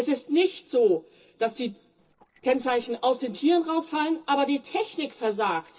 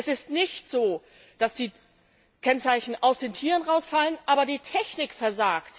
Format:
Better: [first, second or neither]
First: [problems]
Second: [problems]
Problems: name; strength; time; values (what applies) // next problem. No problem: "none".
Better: second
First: noise reduction (neural separator model SepFormer DNS4)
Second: none